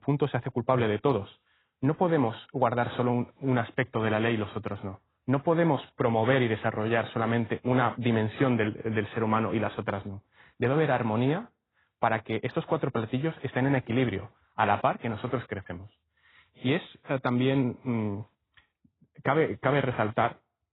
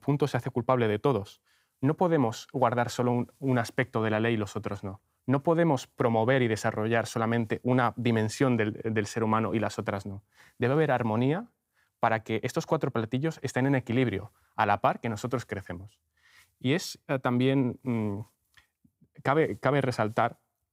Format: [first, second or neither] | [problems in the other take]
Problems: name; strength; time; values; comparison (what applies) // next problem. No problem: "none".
second | garbled, watery; badly; nothing above 4 kHz